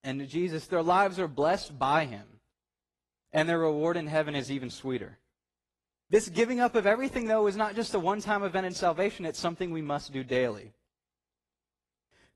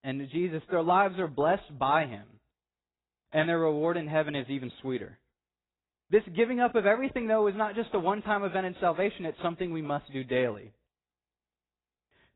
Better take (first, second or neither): first